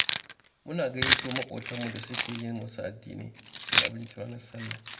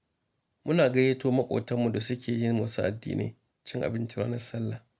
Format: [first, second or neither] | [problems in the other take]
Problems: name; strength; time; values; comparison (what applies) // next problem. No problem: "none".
second | background sound (Keys jangling); 4 dB above the speech // room echo; dies away in 0.8 s